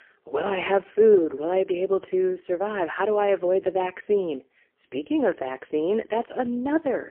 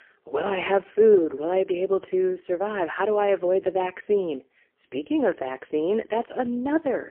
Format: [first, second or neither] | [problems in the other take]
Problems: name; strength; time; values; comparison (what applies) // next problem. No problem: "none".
neither | phone-call audio; poor line; nothing above 3 kHz; the same in both